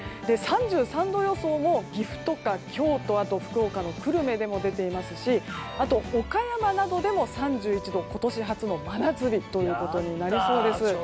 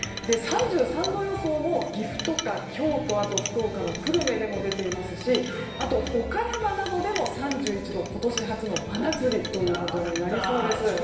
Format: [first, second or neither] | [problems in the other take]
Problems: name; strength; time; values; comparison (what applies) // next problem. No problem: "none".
first | background sound (Chink, clink); 11 dB below the speech // room echo; dies away in 1.3 s